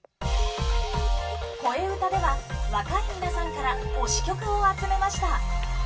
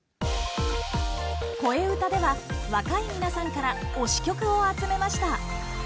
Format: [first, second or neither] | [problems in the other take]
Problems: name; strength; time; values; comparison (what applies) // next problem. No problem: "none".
second | background sound (Telephone); 17 dB below the speech // room echo; dies away in 0.1 s